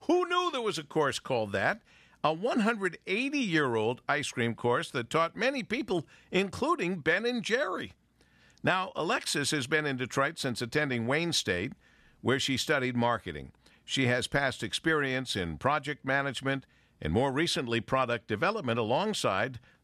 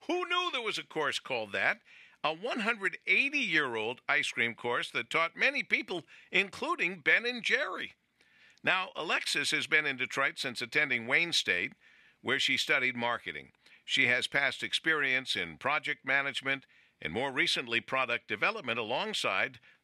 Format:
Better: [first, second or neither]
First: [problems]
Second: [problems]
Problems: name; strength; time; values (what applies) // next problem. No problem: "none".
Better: first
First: none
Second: thin; very slightly; fading below 300 Hz